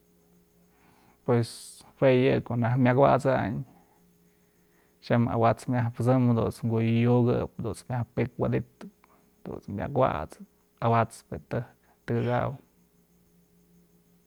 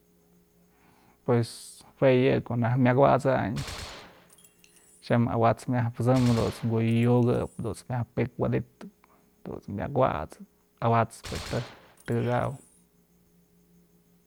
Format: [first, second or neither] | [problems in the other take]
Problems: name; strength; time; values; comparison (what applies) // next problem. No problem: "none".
first | background sound (Gunshot, gunfire); 18 dB below the speech